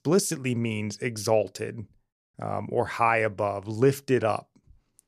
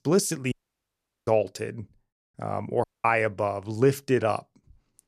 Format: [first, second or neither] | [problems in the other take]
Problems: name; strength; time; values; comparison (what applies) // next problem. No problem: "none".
first | audio cutting out; at 0.5 s for 1 s and at 3 s